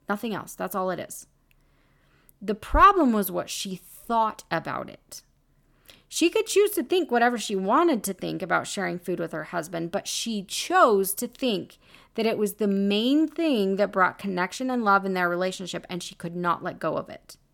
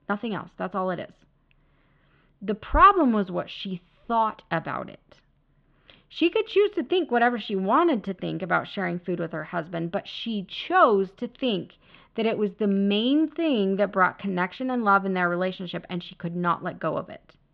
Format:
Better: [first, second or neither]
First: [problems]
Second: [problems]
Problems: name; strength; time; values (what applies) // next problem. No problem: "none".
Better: first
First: none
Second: muffled; very; fading above 3.5 kHz